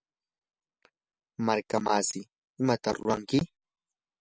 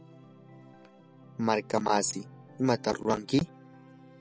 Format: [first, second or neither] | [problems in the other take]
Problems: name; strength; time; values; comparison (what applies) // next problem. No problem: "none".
first | background sound (Organ); 19 dB below the speech